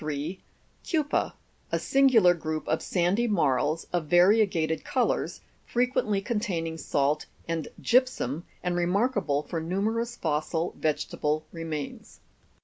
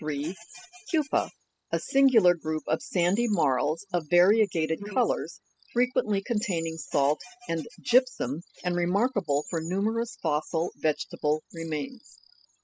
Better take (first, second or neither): first